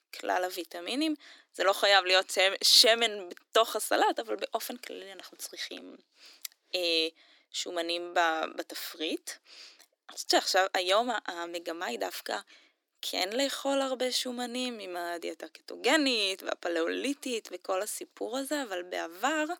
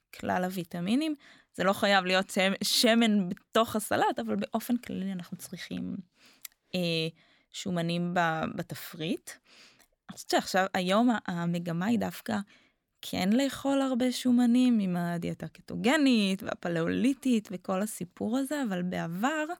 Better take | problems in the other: second | thin; somewhat; fading below 300 Hz

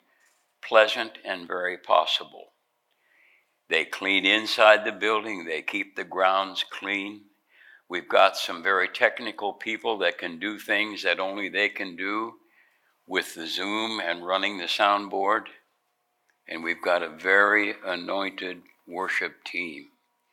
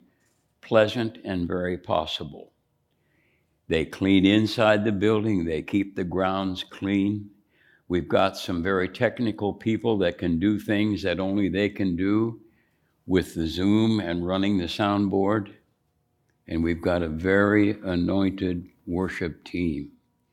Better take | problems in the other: second | thin; very; fading below 700 Hz

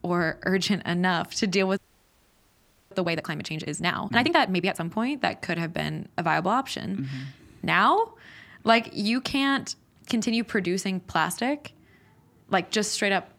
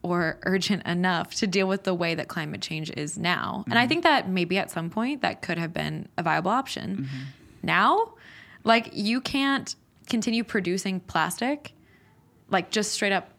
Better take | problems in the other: second | audio freezing; at 2 s for 1 s

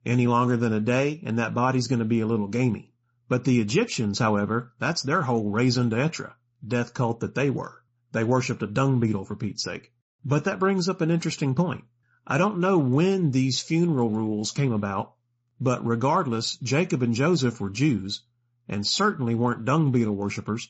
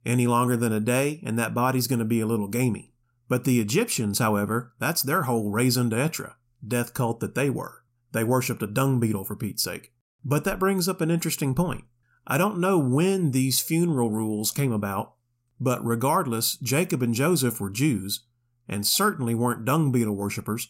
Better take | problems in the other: second | garbled, watery; slightly; nothing above 7.5 kHz

